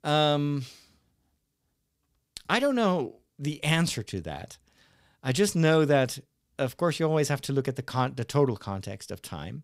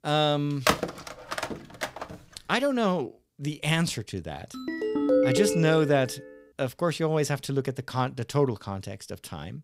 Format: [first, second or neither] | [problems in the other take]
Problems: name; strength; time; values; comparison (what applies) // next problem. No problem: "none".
first | phone ringing; loud; from 0.5 to 2 s and from 4.5 to 6 s; peak 5 dB above the speech